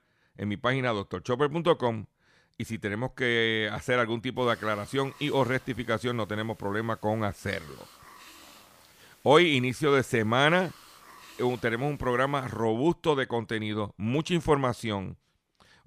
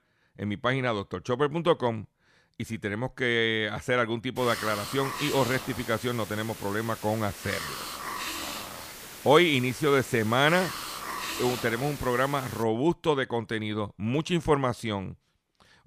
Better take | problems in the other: first | hiss; loud; from 4.5 to 13 s; 9 dB below the speech; faint in the first

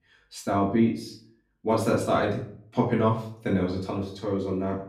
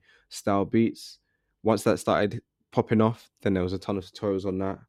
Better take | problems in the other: second | room echo; slight; dies away in 0.4 s // off-mic speech; far

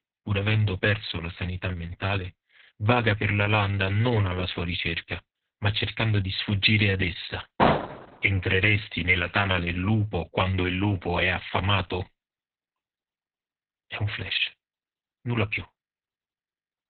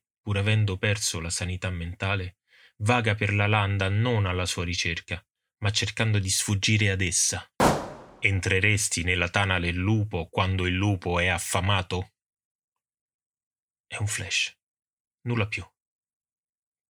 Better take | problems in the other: second | garbled, watery; badly; nothing above 4 kHz

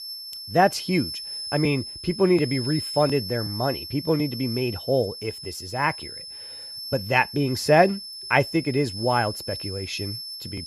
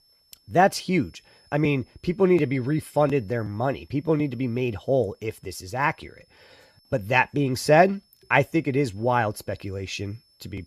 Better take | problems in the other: second | high-pitched whine; loud; throughout; 5 kHz, 9 dB below the speech; faint in the second

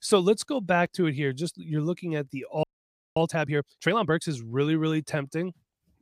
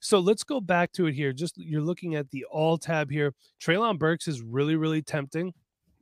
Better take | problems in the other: second | audio freezing; at 2.5 s for 0.5 s

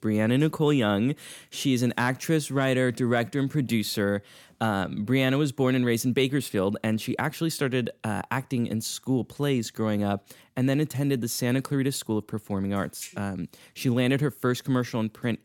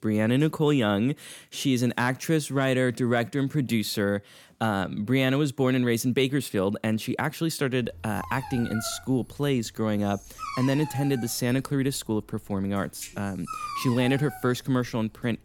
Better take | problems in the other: first | dog barking; noticeable; from 8 s on; peak 7 dB below the speech

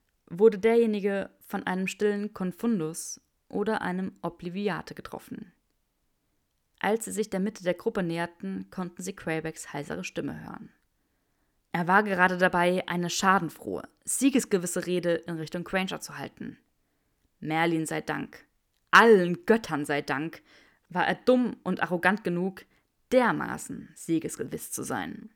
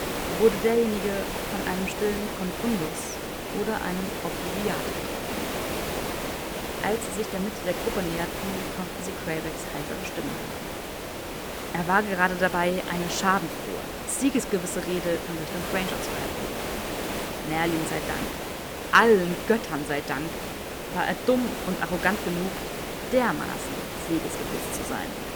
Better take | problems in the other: first | hiss; loud; throughout; 4 dB below the speech

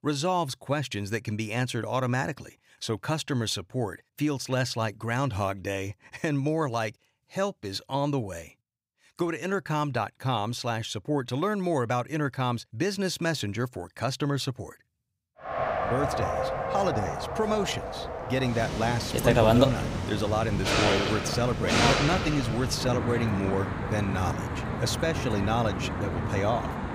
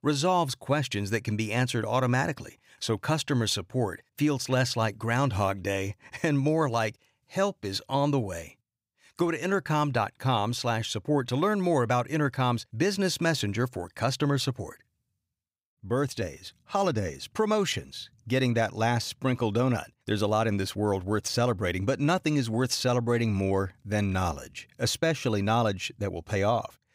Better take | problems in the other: second | traffic noise; very loud; from 16 s on; 1 dB above the speech

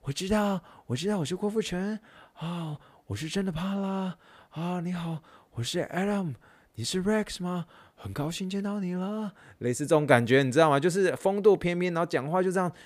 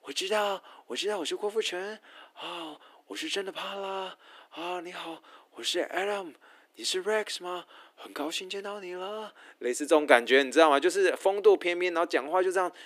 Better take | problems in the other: first | thin; somewhat; fading below 300 Hz

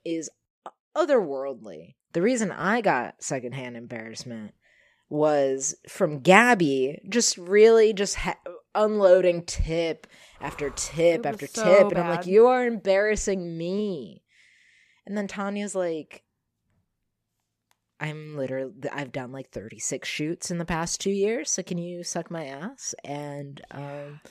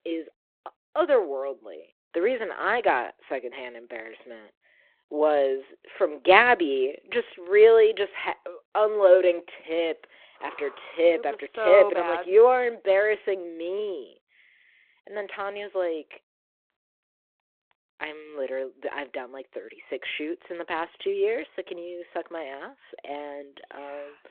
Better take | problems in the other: first | phone-call audio

